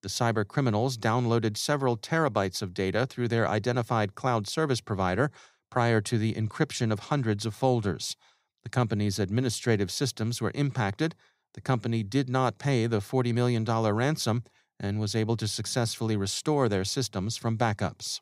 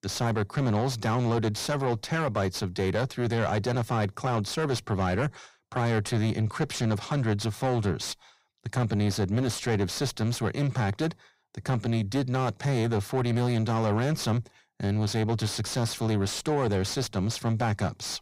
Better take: first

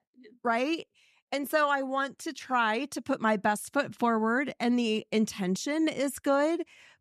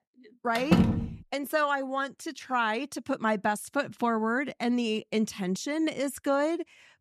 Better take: first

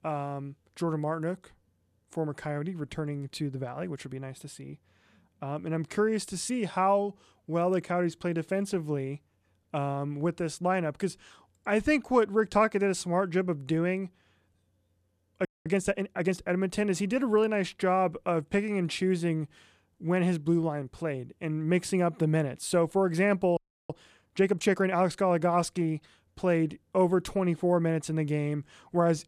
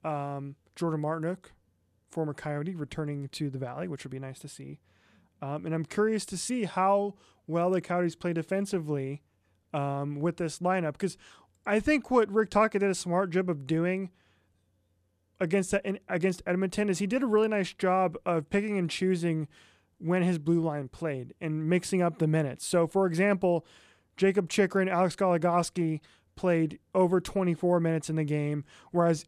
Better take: second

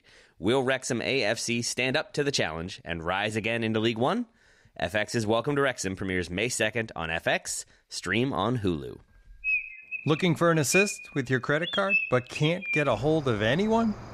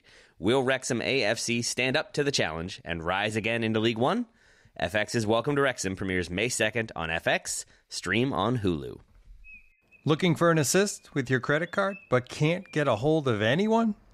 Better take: second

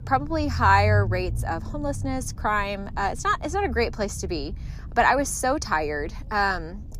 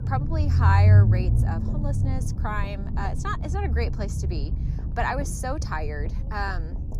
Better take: first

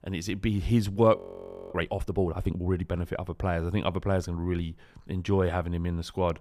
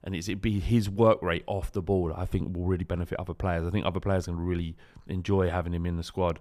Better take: second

